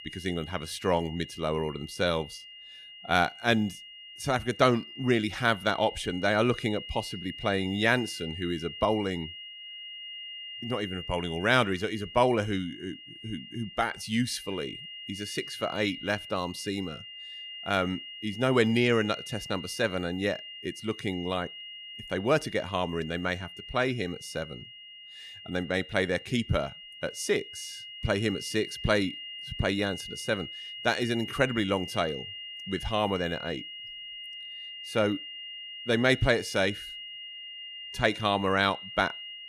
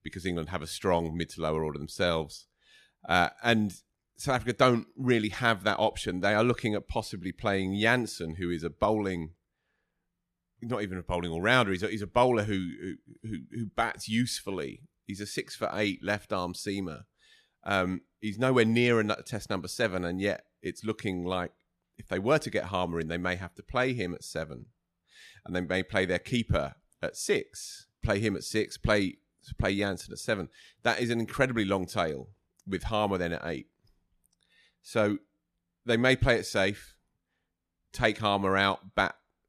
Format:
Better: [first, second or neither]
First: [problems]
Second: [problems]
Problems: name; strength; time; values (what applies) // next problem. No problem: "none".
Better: second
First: high-pitched whine; noticeable; throughout; 3 kHz, 10 dB below the speech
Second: none